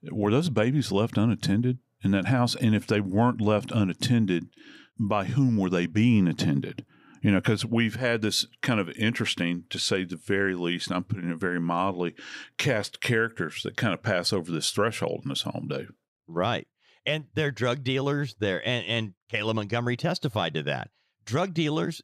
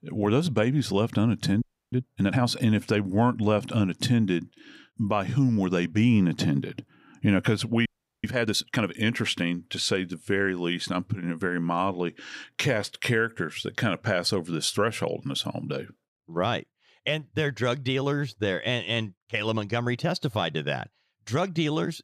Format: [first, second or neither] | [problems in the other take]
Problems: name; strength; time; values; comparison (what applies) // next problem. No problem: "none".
first | audio freezing; at 1.5 s and at 8 s